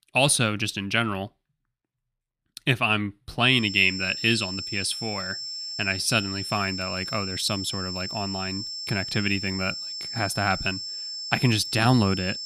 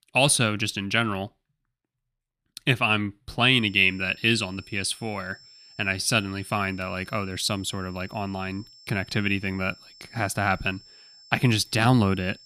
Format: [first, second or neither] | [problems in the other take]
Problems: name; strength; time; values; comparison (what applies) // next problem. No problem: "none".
second | high-pitched whine; loud; from 3.5 s on; 5.5 kHz, 6 dB below the speech; faint in the second